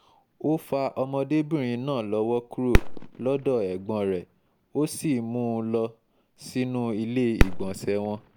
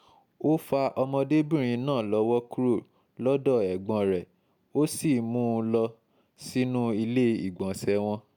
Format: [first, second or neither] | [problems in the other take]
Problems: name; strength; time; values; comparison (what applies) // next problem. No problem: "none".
second | background sound (Fireworks); 2 dB below the speech